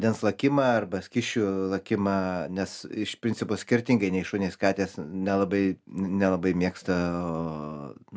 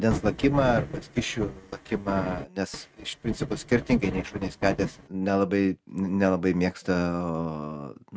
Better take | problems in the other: first | noise reduction (neural mask model RNNoise)

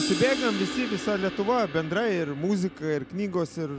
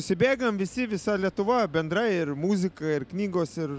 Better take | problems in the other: second | background sound (Crash cymbal); 8 dB below the speech

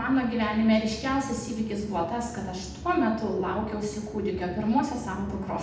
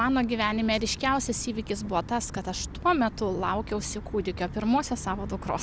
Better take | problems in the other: second | room echo; dies away in 0.8 s

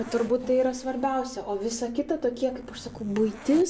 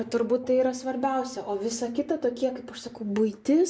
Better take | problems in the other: second | background sound (Zipper (clothing)); 18 dB below the speech

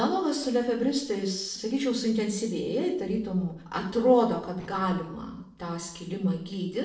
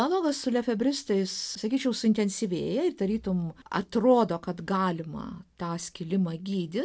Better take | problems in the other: second | noise reduction (neural separator model SepFormer DNS4)

